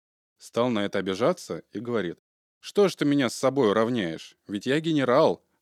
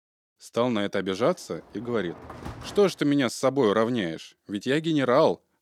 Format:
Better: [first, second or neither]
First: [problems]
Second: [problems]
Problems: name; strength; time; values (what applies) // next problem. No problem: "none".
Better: first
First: none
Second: door banging; faint; from 1.5 to 3 s; peak 15 dB below the speech